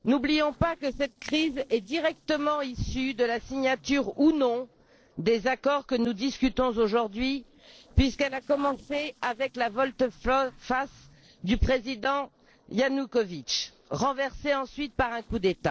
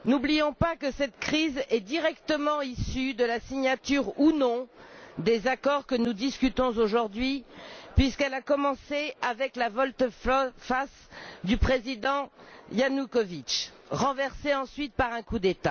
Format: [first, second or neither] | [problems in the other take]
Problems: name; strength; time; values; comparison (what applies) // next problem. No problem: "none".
second | noise reduction (neural separator model SepFormer DNS4)